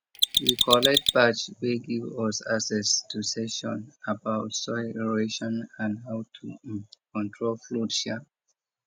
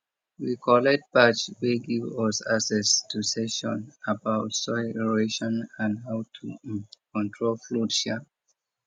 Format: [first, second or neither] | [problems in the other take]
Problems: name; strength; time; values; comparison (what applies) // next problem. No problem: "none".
second | background sound (Mechanisms); 4 dB above the speech